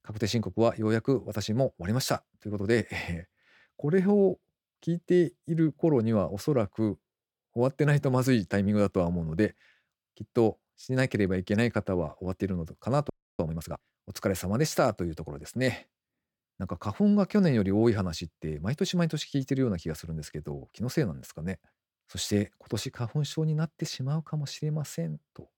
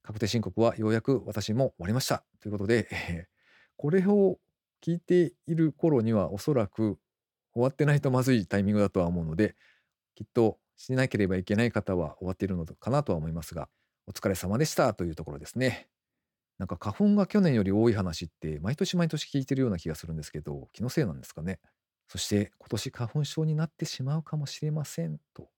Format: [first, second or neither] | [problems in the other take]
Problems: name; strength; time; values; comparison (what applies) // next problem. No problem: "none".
second | audio freezing; at 13 s